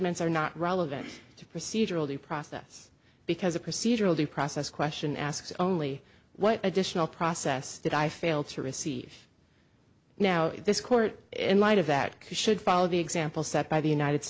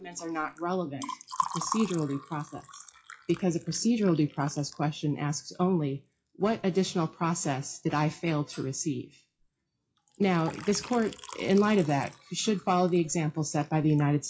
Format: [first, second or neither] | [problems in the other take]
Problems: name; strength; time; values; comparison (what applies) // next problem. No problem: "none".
first | noise reduction (classical method WPE with log-MMSE)